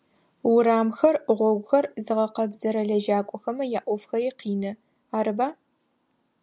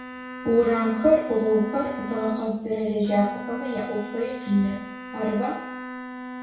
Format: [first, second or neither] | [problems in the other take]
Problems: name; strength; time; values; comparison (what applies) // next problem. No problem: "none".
first | background sound (Bowed string instrument); 11 dB below the speech // room echo; dies away in 0.6 s